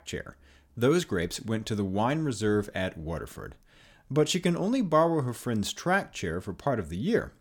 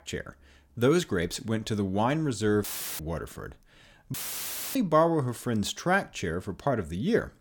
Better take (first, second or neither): first